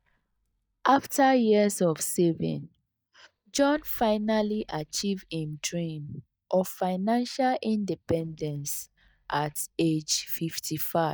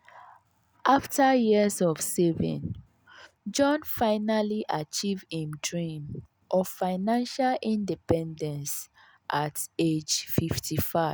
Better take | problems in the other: second | noise reduction (neural mask model DeepFilterNet 3)

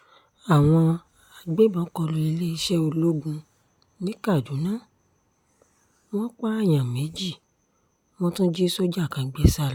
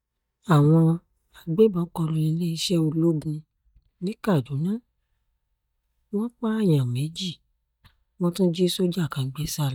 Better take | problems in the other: first | noise reduction (neural mask model DeepFilterNet 3)

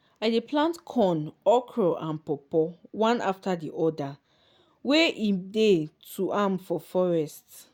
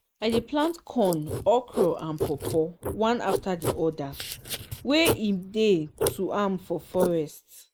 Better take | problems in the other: first | noise reduction (neural mask model Resemble Enhance denoiser)

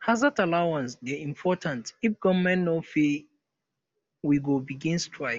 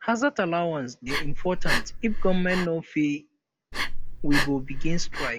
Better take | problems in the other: first | background sound (Breathing); 3 dB above the speech

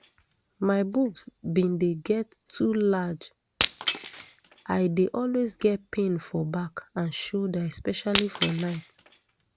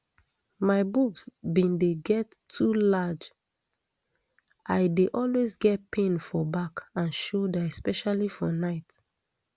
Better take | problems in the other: second | background sound (Shatter); 10 dB below the speech

